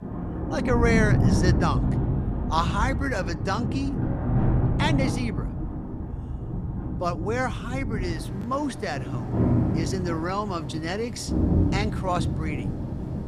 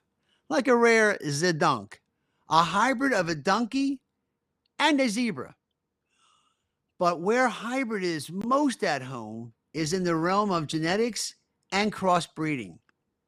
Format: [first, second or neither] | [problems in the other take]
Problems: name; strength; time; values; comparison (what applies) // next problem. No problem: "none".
second | rain or running water; very loud; throughout; 2 dB above the speech